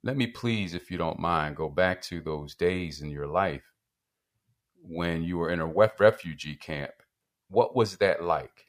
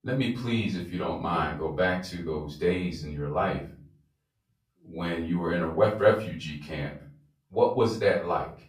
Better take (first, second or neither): first